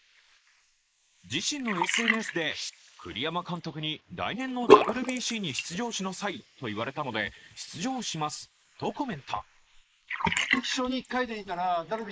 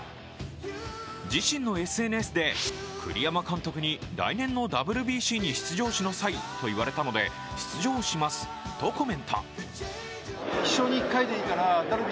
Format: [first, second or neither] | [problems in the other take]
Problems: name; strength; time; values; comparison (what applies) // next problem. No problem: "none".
second | noise reduction (neural mask model Resemble Enhance denoiser)